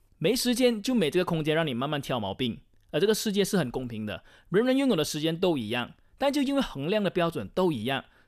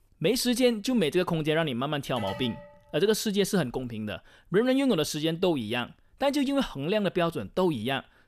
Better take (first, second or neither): first